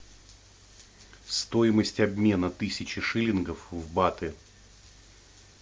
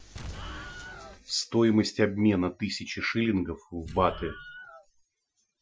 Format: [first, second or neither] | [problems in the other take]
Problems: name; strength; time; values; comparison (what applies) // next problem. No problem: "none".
first | noise reduction (classical method Wiener filter)